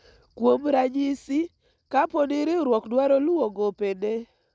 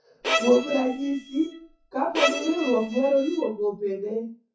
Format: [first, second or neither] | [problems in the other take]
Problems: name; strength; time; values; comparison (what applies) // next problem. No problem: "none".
first | noise reduction (classical method WPE with log-MMSE)